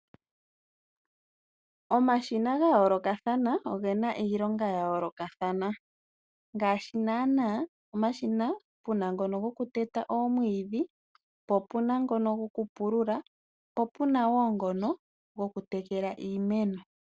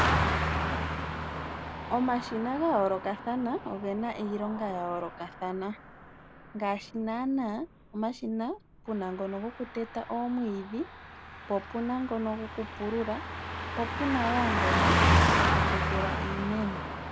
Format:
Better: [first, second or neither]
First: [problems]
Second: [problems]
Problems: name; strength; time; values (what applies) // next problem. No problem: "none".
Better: first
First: none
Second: background sound (Car passing by); 1 dB above the speech